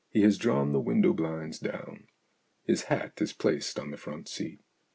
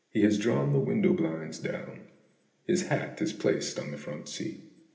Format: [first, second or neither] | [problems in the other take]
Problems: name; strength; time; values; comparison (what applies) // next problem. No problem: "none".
first | room echo; dies away in 0.8 s